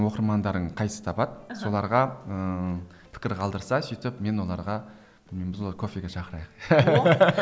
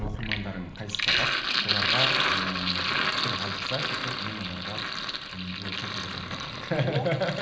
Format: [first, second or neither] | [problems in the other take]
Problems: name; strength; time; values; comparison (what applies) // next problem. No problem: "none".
first | background sound (Sink (filling or washing)); 4 dB above the speech // room echo; dies away in 0.8 s